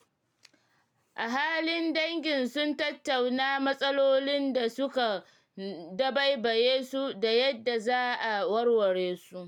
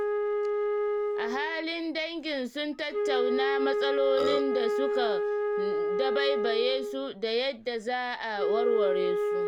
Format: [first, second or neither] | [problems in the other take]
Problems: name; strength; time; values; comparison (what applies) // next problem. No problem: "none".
first | background sound (Wind instrument, woodwind instrument + Burping, eructation); 2 dB above the speech